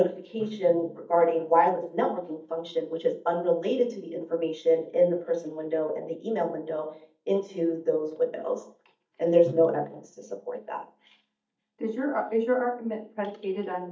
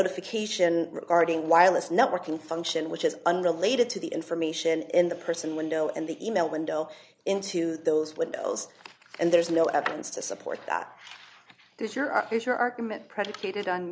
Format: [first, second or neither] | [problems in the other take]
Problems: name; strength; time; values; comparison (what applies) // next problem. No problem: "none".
second | noise reduction (neural mask model DeepFilterNet 3)